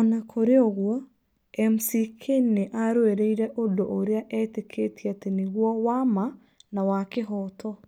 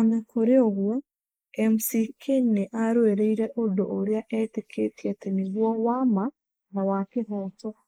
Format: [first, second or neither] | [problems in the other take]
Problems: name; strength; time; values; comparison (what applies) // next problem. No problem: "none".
first | noise reduction (neural mask model Resemble Enhance denoiser)